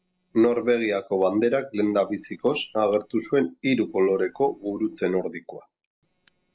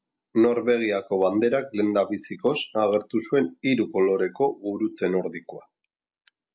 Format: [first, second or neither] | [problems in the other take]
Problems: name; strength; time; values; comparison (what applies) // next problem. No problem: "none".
second | noise reduction (neural separator model SepFormer DNS4)